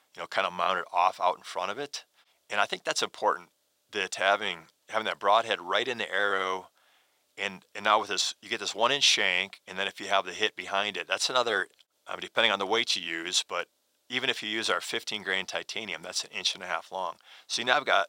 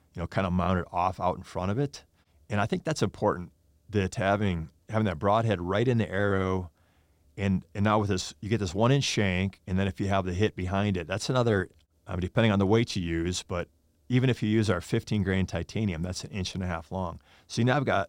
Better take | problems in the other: second | thin; very; fading below 750 Hz

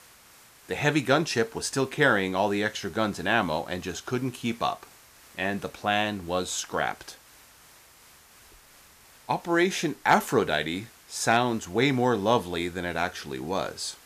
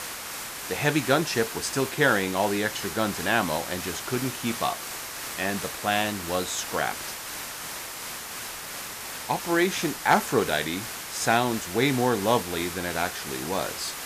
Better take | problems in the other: first | hiss; loud; throughout; 7 dB below the speech; faint in the first

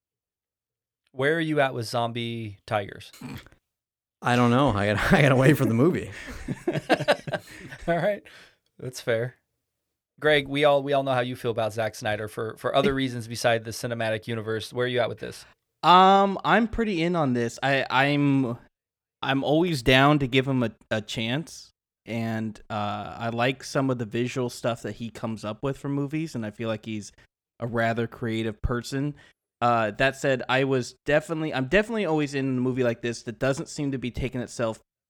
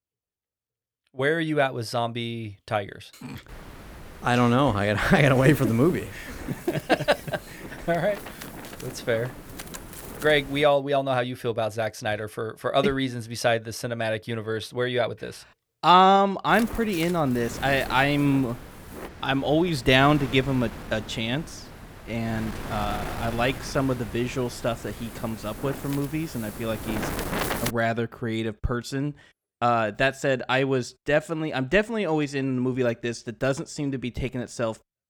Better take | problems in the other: first | wind noise on the microphone; occasional gusts; from 3.5 to 11 s and from 16 to 28 s; 15 dB below the speech

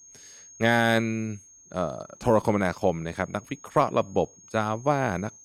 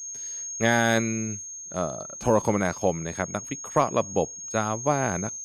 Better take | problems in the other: first | high-pitched whine; loud; throughout; 6.5 kHz, 8 dB below the speech; faint in the first

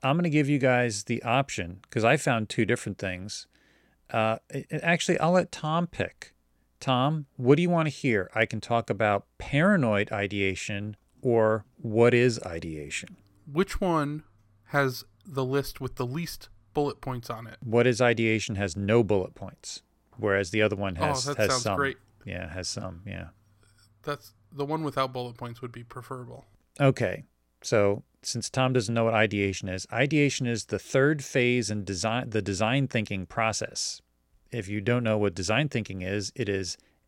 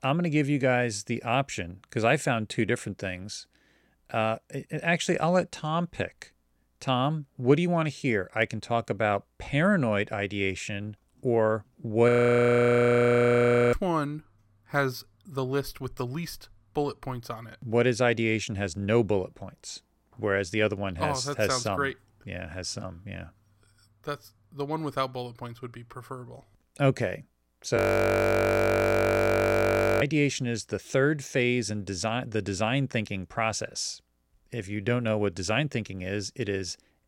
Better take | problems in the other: first | audio freezing; at 12 s for 1.5 s and at 28 s for 2 s

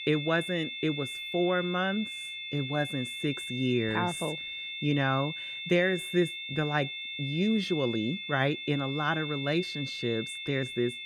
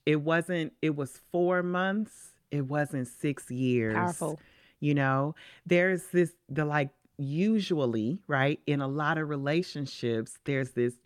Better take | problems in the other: second | high-pitched whine; loud; throughout; 3.5 kHz, 5 dB below the speech

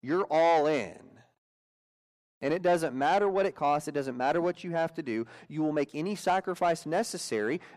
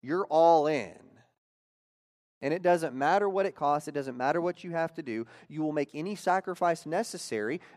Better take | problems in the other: second | distortion; slight; 10 dB below the speech

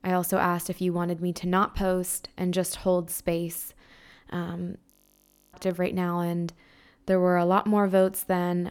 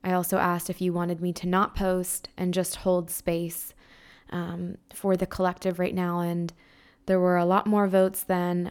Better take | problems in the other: second | audio freezing; at 5 s for 0.5 s

